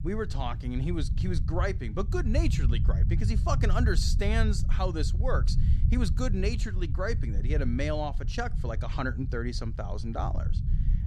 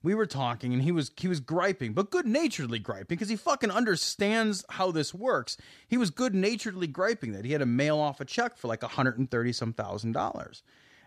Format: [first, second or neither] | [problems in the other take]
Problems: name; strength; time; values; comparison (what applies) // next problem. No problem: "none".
second | low rumble; noticeable; throughout; 10 dB below the speech